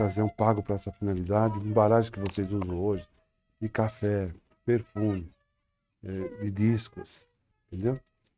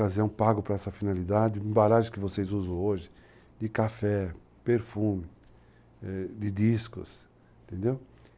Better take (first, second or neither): second